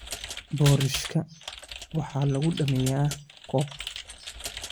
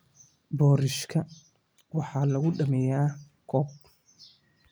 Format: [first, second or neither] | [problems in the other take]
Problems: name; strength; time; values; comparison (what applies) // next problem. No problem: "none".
second | background sound (Computer keyboard); 10 dB below the speech